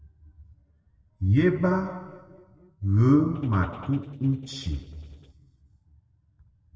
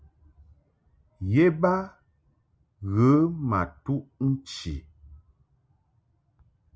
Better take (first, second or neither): second